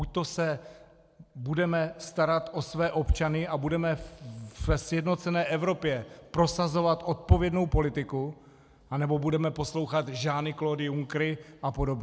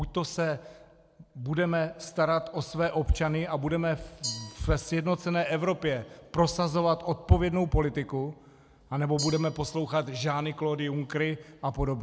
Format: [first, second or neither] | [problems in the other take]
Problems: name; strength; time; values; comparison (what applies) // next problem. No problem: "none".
first | background sound (Glass); 20 dB below the speech